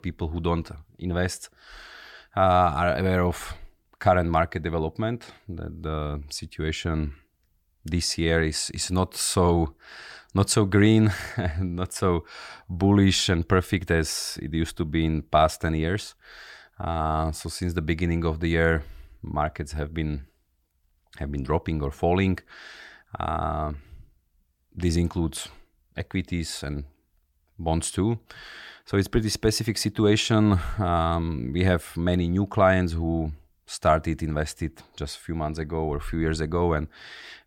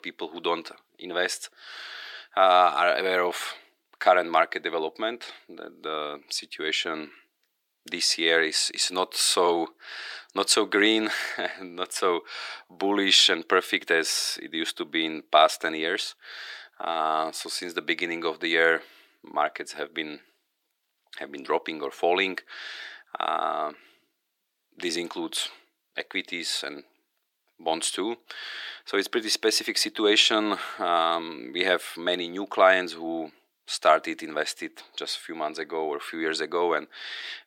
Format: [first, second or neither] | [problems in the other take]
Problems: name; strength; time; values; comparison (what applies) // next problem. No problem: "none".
first | thin; very; fading below 350 Hz